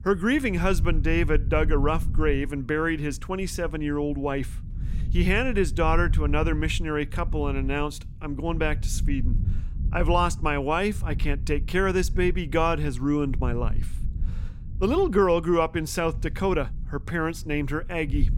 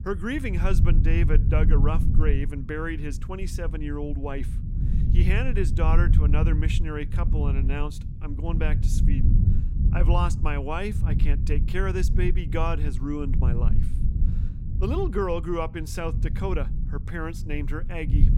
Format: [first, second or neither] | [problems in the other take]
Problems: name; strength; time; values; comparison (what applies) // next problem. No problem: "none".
first | low rumble; loud; throughout; 8 dB below the speech; faint in the first